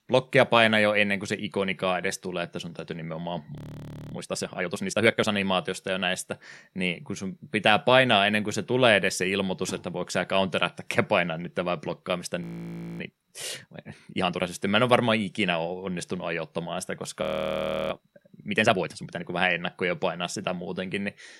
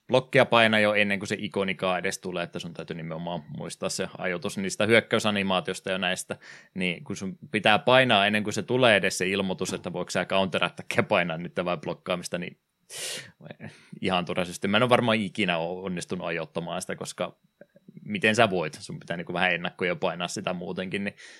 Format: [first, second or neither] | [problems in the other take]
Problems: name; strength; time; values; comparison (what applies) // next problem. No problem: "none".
second | audio freezing; at 3.5 s for 0.5 s, at 12 s for 0.5 s and at 17 s for 0.5 s